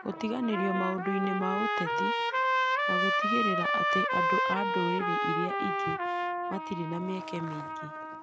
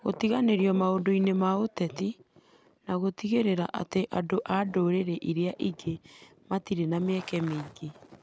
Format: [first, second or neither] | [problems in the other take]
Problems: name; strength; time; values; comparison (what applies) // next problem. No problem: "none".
second | background sound (Trumpet); 4 dB above the speech